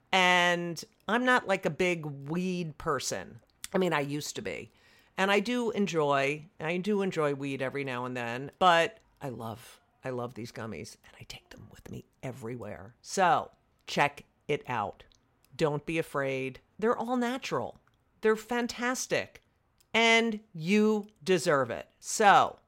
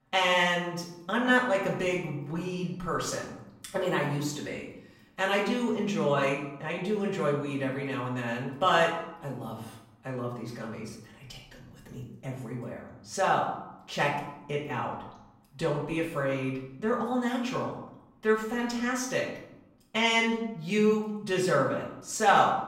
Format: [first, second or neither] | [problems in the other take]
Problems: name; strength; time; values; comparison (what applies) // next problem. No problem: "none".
first | room echo; noticeable; dies away in 0.7 s // off-mic speech; far